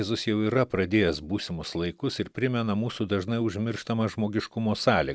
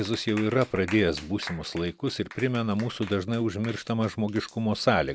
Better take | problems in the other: first | background sound (Clapping); 18 dB below the speech

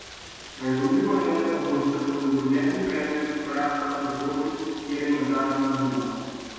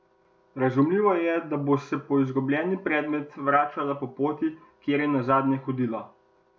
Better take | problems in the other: second | background sound (Rain); 17 dB below the speech // room echo; dies away in 2.1 s

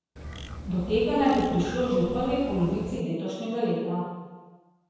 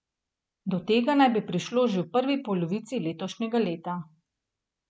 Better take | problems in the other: second | background sound (Bird); 12 dB below the speech // room echo; dies away in 1.2 s

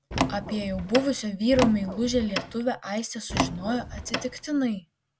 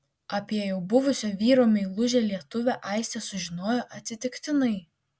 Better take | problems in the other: second | background sound (Door); 4 dB below the speech

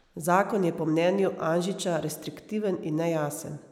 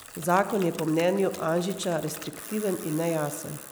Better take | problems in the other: first | background sound (Bicycle); 15 dB below the speech

